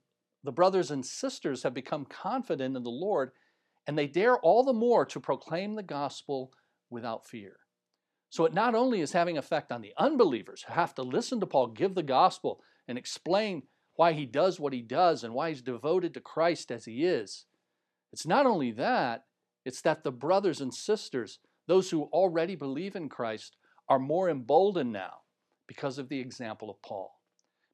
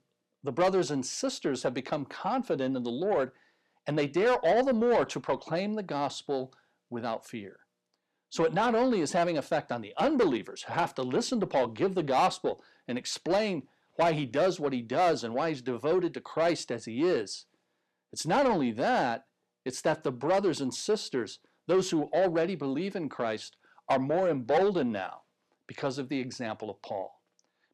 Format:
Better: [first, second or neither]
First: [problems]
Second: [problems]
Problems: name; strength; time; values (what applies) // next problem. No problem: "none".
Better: first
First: none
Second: distortion; slight; 10 dB below the speech